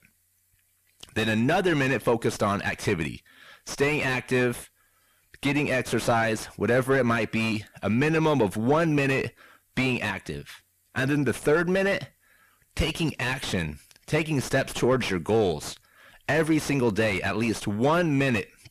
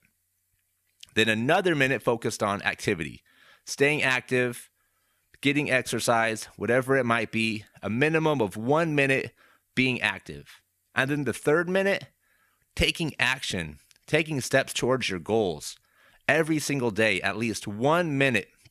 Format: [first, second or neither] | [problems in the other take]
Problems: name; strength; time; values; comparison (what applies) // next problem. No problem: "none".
second | distortion; heavy; 6 dB below the speech